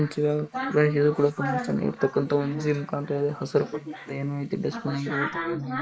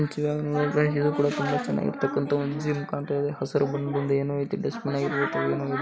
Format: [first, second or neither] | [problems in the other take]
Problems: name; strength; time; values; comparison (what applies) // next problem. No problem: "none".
second | noise reduction (neural mask model Resemble Enhance denoiser)